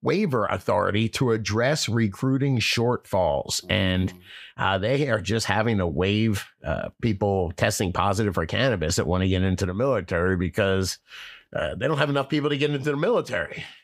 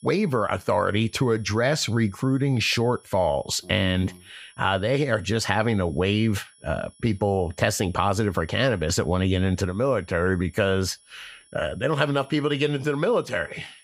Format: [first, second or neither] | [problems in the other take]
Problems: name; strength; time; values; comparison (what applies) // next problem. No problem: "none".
first | high-pitched whine; faint; throughout; 10 kHz, 30 dB below the speech